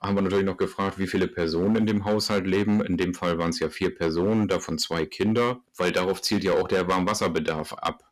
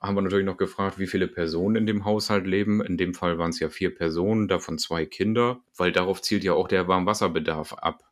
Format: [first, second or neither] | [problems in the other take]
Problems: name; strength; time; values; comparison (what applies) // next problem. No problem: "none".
second | distortion; slight; 7% of the sound clipped